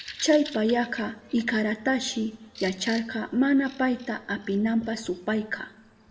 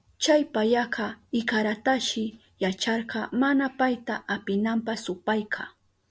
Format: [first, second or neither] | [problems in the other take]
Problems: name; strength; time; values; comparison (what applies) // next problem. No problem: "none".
second | background sound (Bird vocalization, bird call, bird song); 20 dB below the speech // room echo; dies away in 1 s